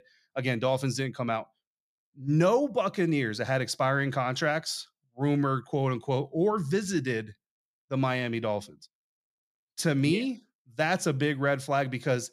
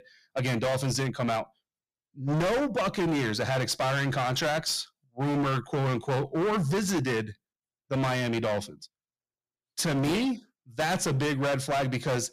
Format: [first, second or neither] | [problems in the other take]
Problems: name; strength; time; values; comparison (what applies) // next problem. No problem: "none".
first | distortion; heavy; 22% of the sound clipped